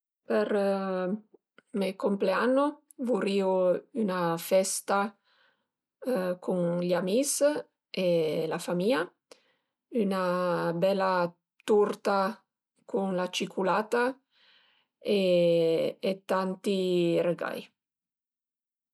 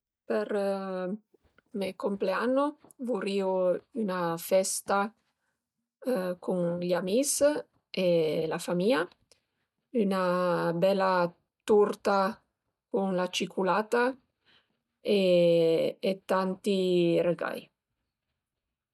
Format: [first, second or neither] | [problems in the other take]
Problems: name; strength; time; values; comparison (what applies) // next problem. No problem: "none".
first | noise reduction (neural mask model DeepFilterNet 3)